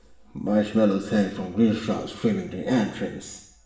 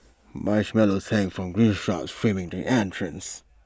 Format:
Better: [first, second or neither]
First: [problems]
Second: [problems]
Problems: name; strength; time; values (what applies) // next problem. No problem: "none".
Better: second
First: room echo; dies away in 0.7 s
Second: none